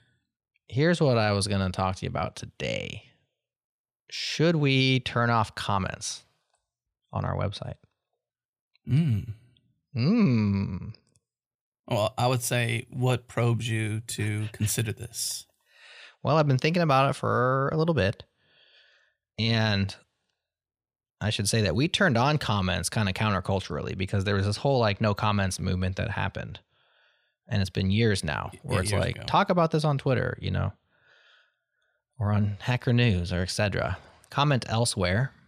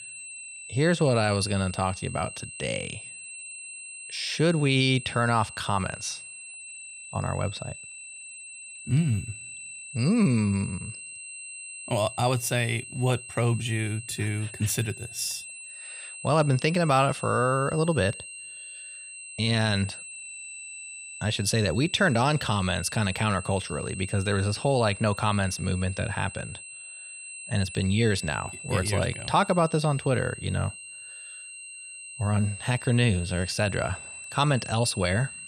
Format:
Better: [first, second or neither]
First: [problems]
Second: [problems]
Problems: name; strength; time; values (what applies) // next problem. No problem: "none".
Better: first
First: none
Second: high-pitched whine; noticeable; throughout; 2.5 kHz, 10 dB below the speech